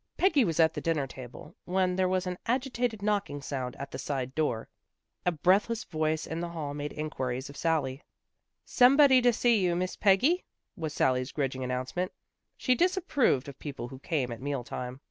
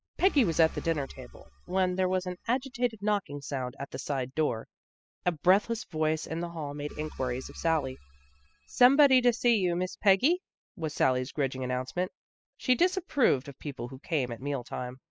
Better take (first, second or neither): first